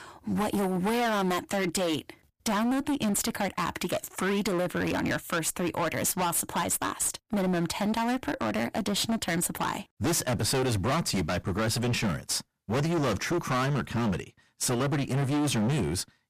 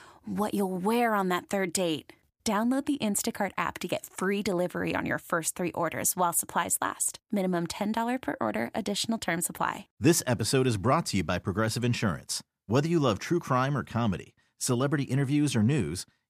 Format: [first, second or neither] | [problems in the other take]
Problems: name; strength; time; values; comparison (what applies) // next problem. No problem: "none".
second | distortion; heavy; 27% of the sound clipped